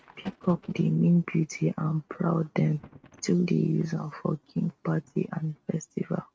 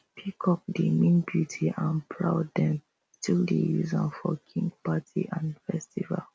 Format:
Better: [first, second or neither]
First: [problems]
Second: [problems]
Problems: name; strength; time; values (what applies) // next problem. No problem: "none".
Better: second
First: noise reduction (neural mask model RNNoise)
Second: none